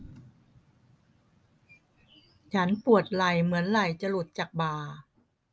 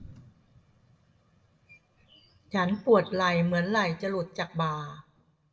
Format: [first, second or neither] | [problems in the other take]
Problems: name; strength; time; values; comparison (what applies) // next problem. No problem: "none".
first | room echo; dies away in 0.5 s